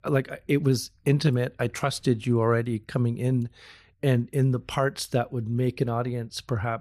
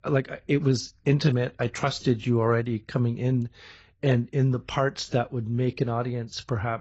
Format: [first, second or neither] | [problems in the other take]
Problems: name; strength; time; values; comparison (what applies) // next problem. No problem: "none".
first | garbled, watery; badly; nothing above 7.5 kHz